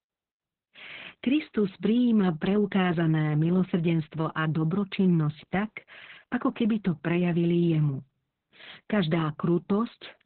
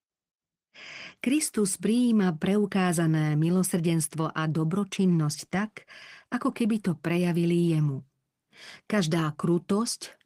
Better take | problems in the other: second | garbled, watery; badly; nothing above 4 kHz; slightly in the second

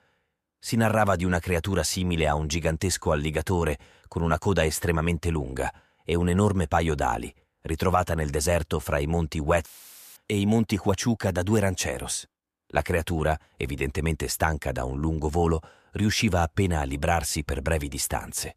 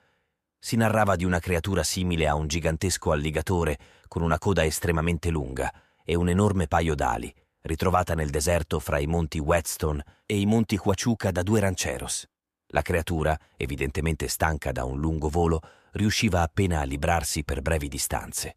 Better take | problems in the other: second | audio cutting out; filled with static; at 9.5 s for 0.5 s

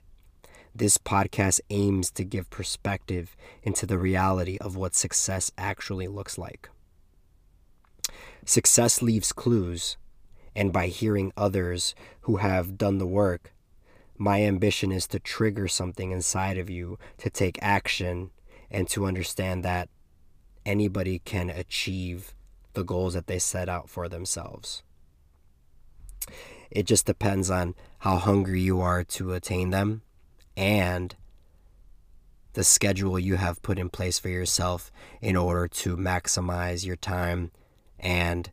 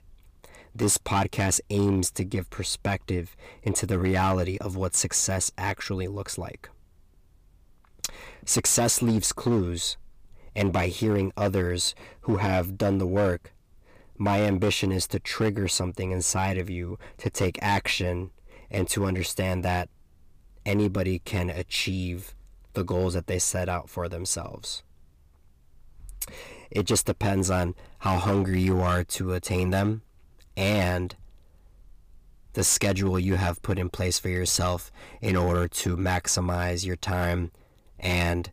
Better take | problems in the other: first | distortion; slight; 6% of the sound clipped

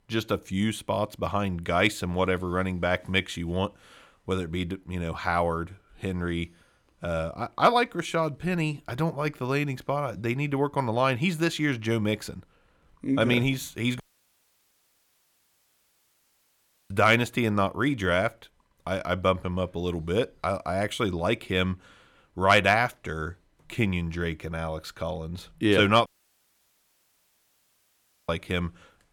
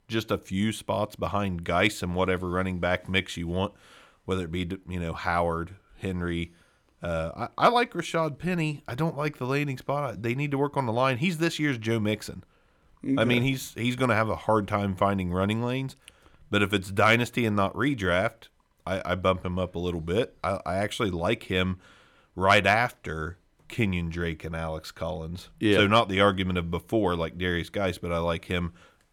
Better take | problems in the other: second | audio cutting out; at 14 s for 3 s and at 26 s for 2 s

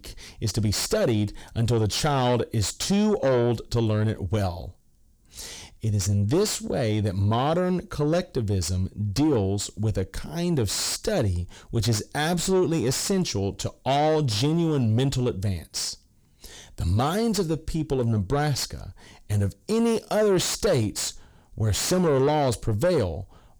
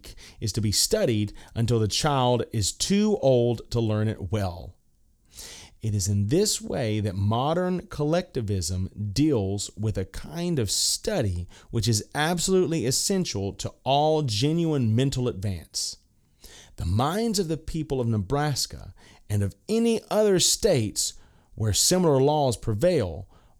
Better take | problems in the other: second | distortion; slight; 10 dB below the speech

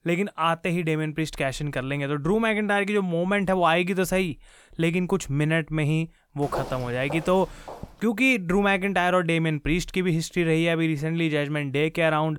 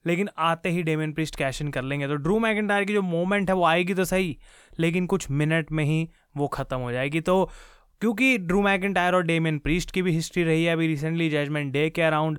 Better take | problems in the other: second | footsteps; noticeable; from 6.5 to 8 s; peak 10 dB below the speech

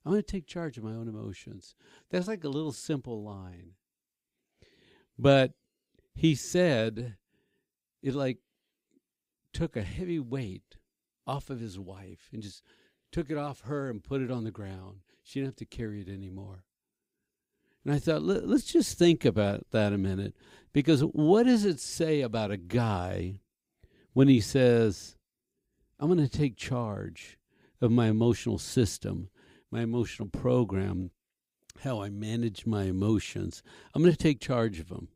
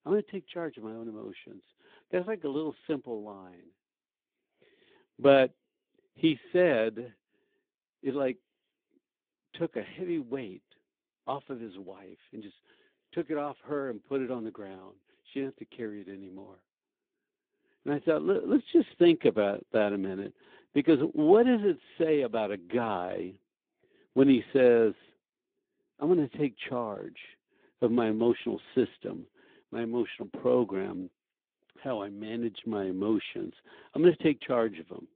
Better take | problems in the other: first | phone-call audio; nothing above 3.5 kHz

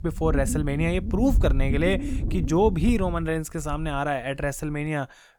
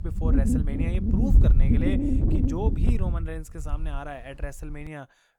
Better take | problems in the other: first | wind noise on the microphone; heavy; 4 dB above the speech; occasional gusts in the first

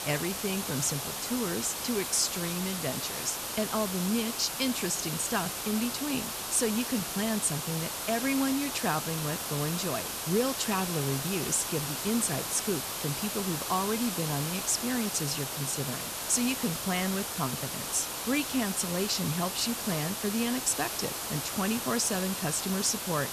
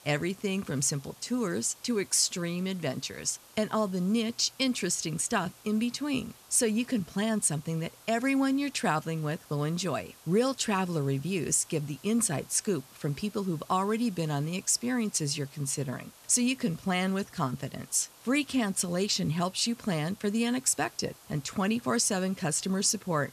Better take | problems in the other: second | hiss; loud; throughout; 2 dB below the speech; faint in the second

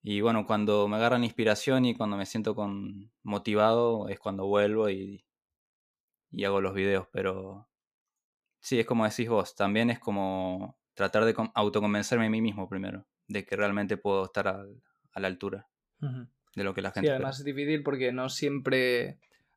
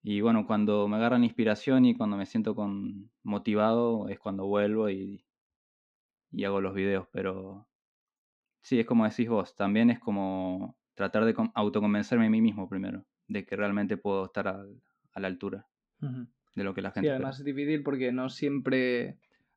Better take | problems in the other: first | muffled; very slightly; fading above 3.5 kHz

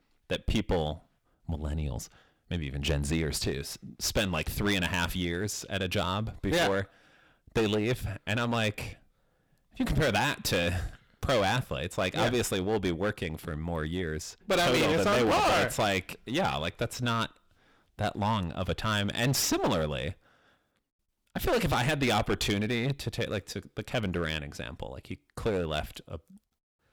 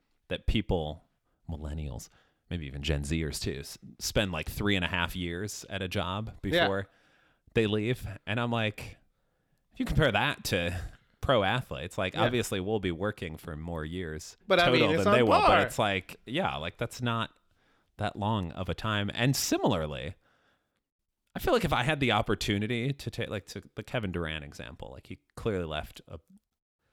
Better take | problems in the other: second | distortion; heavy; 11% of the sound clipped

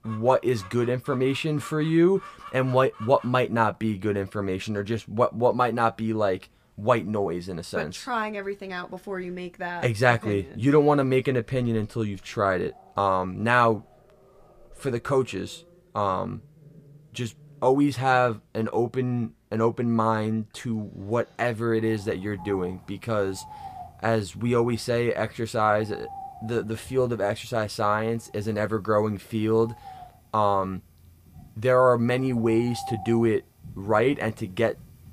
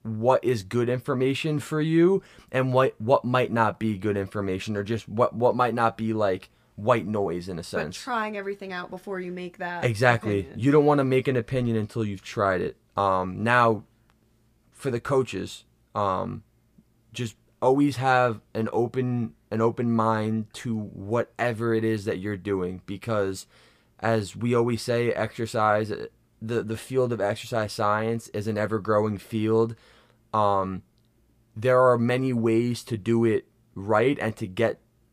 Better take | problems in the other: second | animal sounds; faint; throughout; 20 dB below the speech

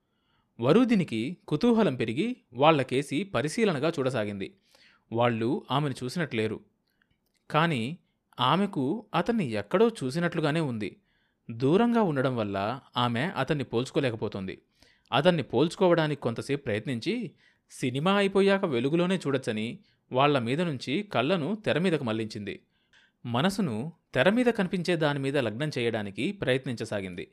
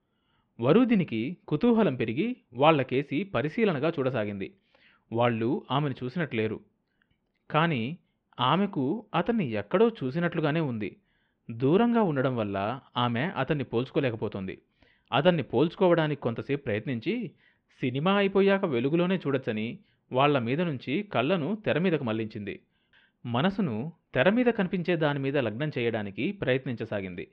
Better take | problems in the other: first | muffled; slightly; fading above 3 kHz

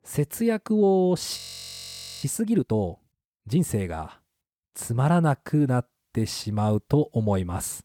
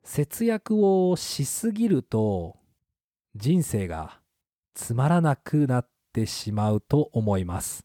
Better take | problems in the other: second | audio freezing; at 1.5 s for 1 s

